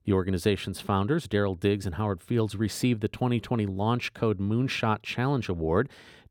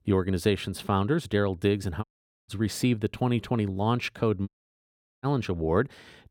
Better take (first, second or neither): first